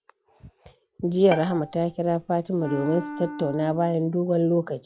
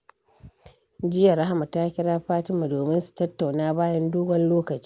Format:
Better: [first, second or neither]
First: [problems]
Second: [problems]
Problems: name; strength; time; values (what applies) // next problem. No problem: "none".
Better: second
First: noise reduction (classical method log-MMSE)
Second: none